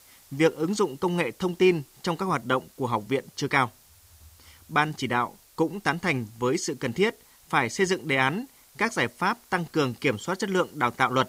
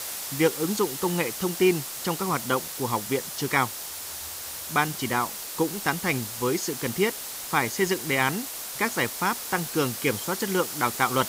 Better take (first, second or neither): first